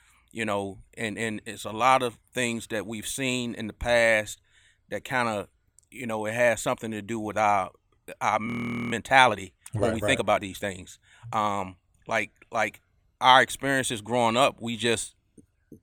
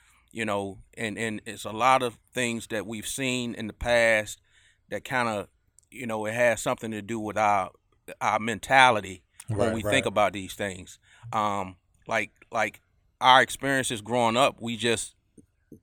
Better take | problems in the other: second | audio freezing; at 8.5 s

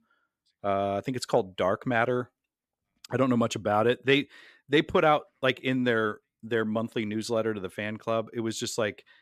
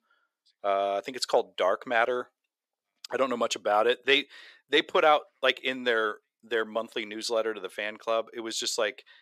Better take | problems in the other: first | thin; somewhat; fading below 500 Hz

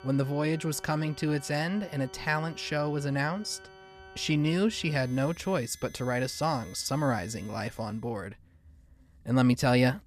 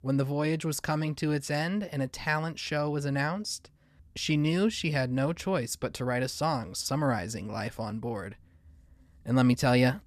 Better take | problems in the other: second | background music; faint; until 7.5 s; 20 dB below the speech

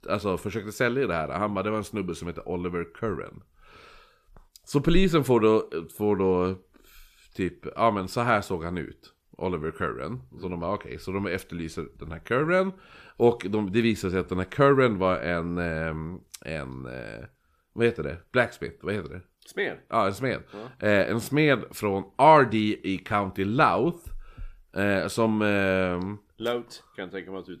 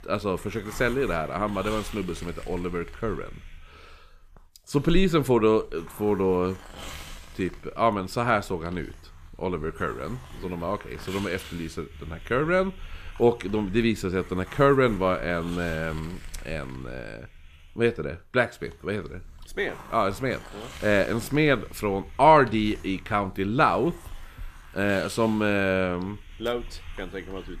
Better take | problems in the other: first | hiss; noticeable; throughout; 20 dB below the speech

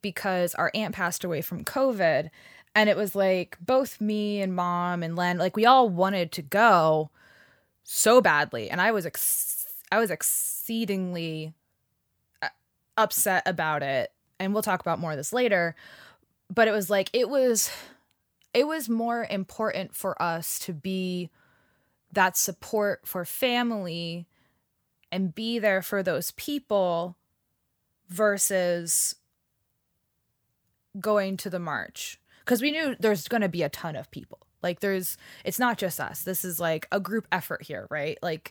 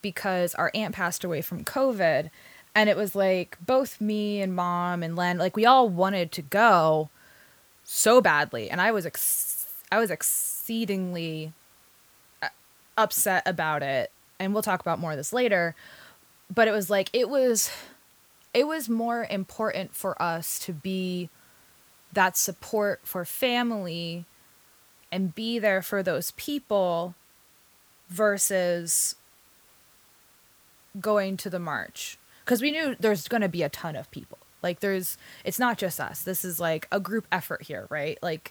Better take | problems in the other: first | hiss; faint; throughout; 30 dB below the speech

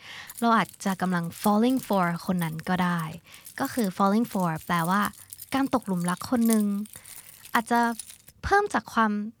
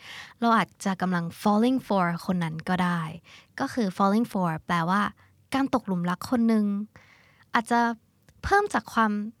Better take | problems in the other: second | jangling keys; noticeable; until 8.5 s; peak 8 dB below the speech

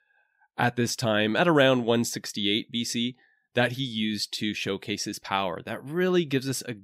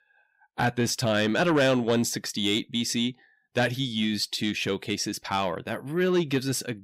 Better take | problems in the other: first | distortion; slight; 10 dB below the speech

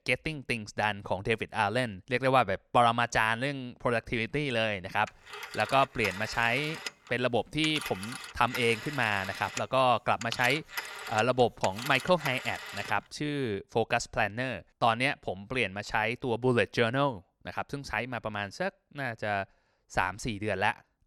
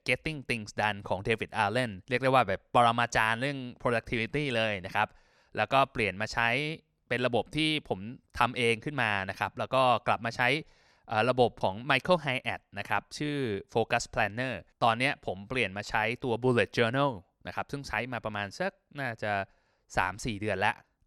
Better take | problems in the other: second | phone ringing; noticeable; from 5 to 13 s; peak 7 dB below the speech

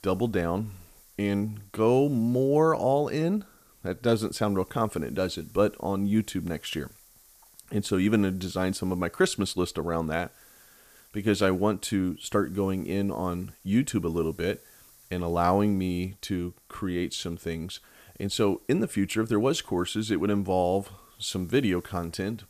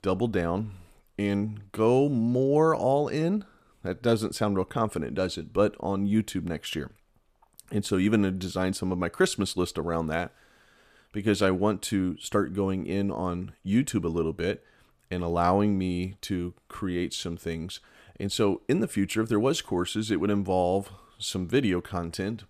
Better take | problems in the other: second | hiss; faint; throughout; 25 dB below the speech

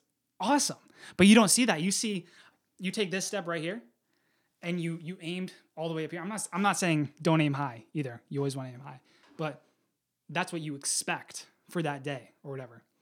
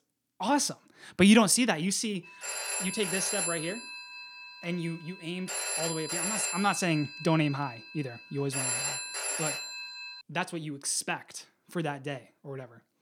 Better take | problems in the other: first | phone ringing; loud; from 2.5 to 10 s; peak 1 dB above the speech

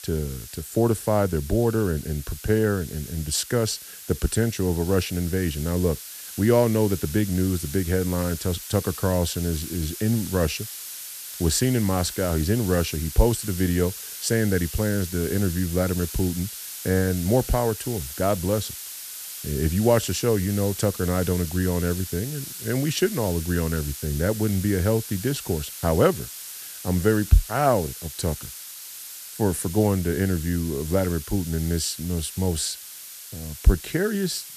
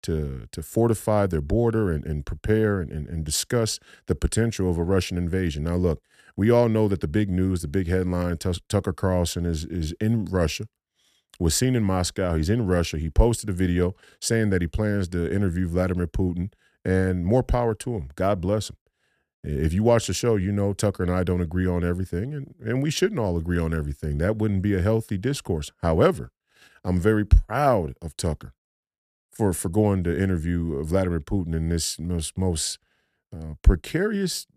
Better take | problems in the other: second | hiss; noticeable; throughout; 10 dB below the speech

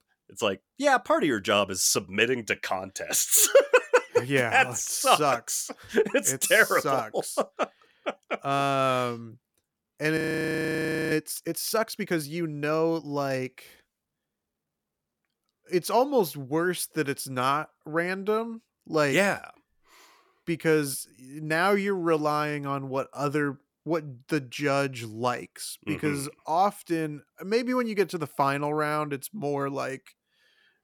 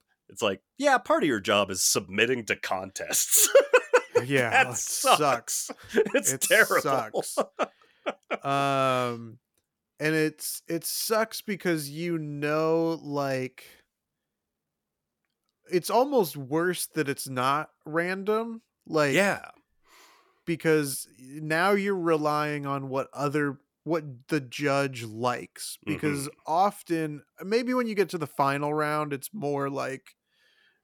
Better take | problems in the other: second | audio freezing; at 10 s for 1 s

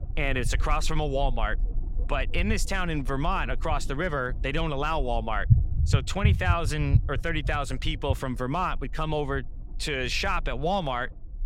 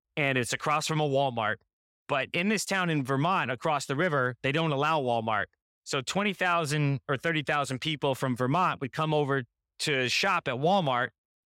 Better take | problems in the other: second | low rumble; noticeable; throughout; 15 dB below the speech

